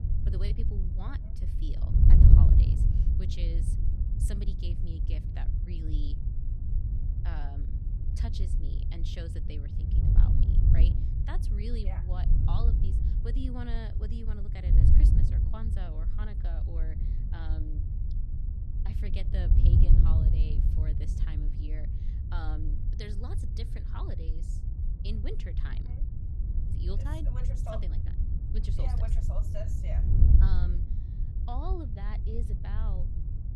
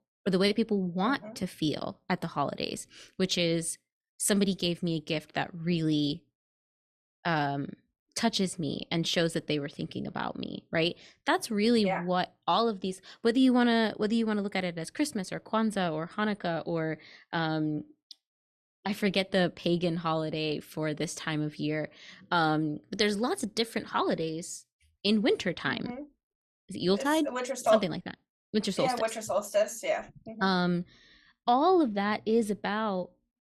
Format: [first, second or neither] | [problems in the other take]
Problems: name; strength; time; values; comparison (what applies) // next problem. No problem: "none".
second | wind noise on the microphone; heavy; 1 dB above the speech